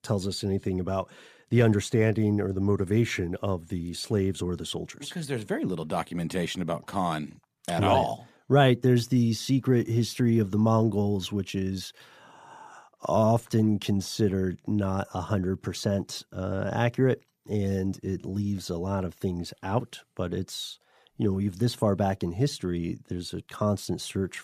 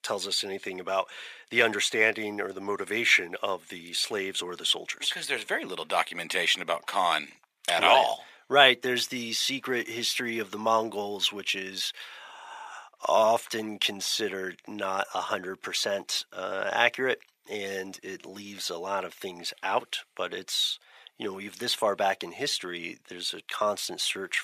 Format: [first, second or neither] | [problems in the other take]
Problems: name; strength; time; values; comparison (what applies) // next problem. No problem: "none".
first | thin; very; fading below 650 Hz